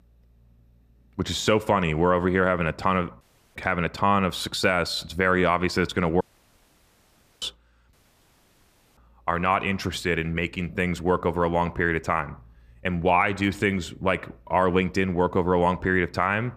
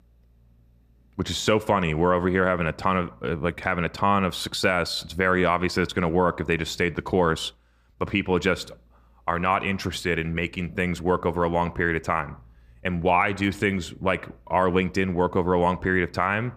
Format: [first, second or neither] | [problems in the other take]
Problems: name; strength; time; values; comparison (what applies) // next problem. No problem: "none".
second | audio cutting out; at 3 s, at 6 s for 1 s and at 8 s for 1 s